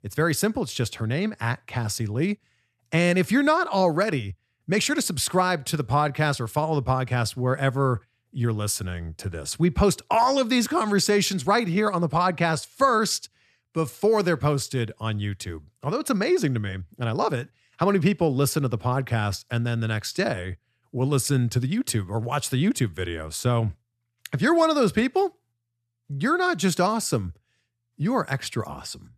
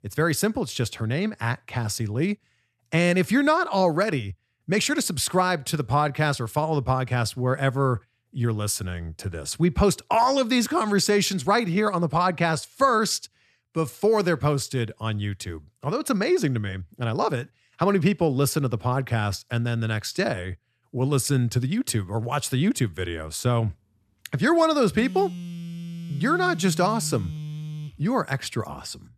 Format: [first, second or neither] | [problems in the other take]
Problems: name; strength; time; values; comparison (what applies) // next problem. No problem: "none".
first | phone ringing; noticeable; from 25 to 28 s; peak 10 dB below the speech